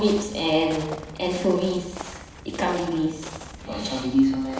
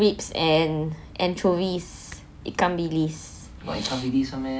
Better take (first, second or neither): second